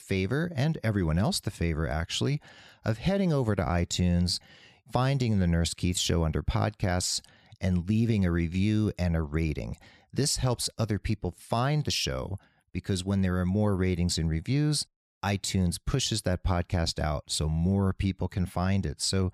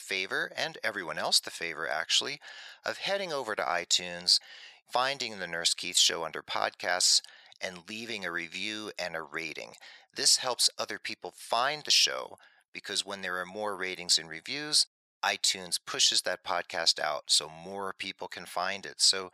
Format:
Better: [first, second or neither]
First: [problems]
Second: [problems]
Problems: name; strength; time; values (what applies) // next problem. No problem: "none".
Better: first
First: none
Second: thin; very; fading below 750 Hz